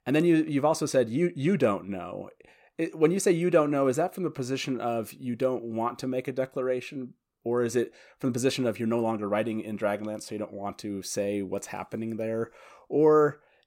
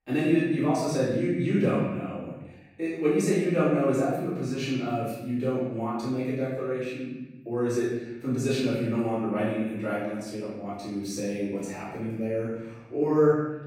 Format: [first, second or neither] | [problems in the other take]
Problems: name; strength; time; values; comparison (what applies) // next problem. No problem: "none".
first | off-mic speech; far // room echo; strong; dies away in 1.1 s